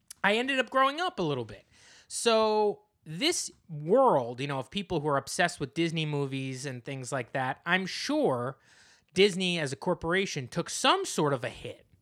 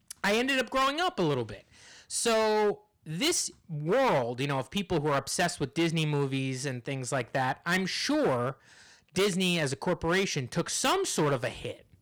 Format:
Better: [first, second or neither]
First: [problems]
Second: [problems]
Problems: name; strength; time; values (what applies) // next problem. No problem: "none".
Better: first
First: none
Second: distortion; heavy; 11% of the sound clipped